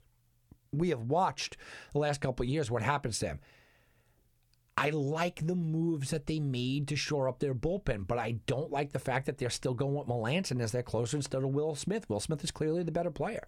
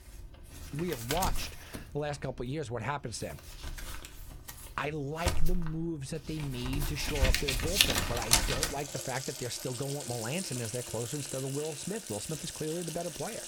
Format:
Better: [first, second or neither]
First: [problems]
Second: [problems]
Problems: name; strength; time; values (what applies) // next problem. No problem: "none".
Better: first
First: none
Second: household noises; very loud; throughout; 3 dB above the speech